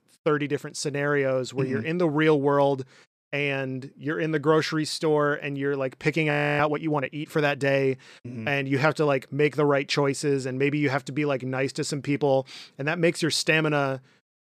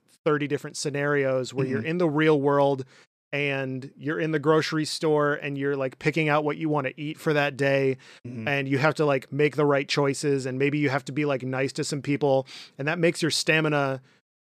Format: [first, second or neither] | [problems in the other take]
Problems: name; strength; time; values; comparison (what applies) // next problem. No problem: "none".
second | audio freezing; at 6.5 s